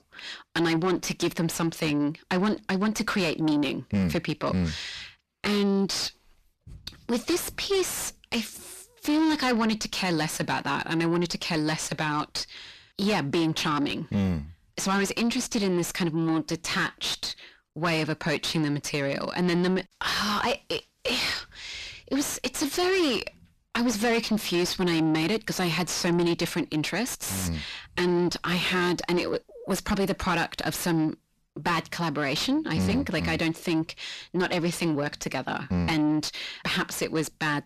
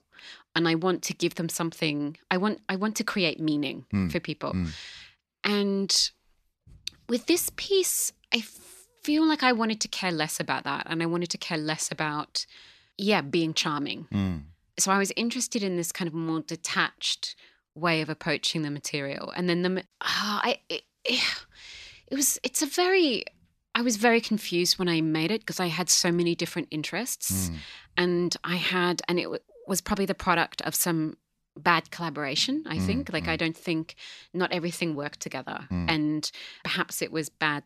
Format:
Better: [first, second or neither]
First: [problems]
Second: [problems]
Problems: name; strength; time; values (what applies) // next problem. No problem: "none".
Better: second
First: distortion; heavy; 5 dB below the speech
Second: none